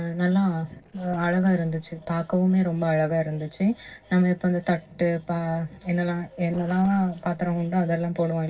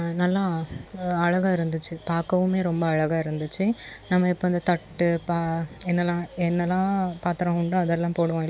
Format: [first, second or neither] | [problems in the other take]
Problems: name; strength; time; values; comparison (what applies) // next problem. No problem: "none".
second | noise reduction (neural separator model SepFormer DNS4)